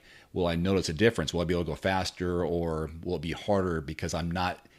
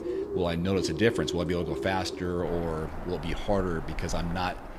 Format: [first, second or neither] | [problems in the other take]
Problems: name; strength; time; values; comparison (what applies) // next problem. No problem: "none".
first | animal sounds; loud; throughout; 7 dB below the speech